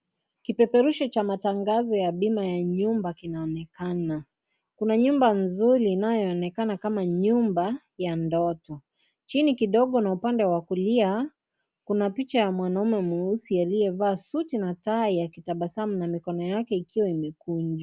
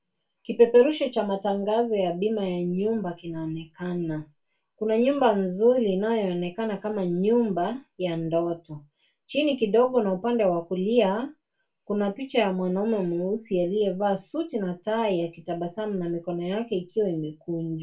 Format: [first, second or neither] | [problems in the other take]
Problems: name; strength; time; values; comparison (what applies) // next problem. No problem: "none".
first | room echo; dies away in 0.2 s